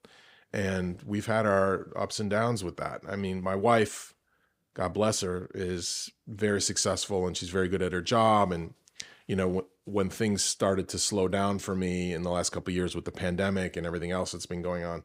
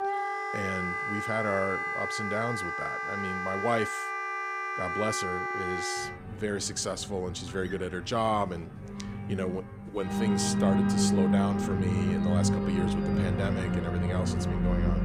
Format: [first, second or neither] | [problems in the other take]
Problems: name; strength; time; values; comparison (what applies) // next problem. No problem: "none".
first | background music; very loud; throughout; 3 dB above the speech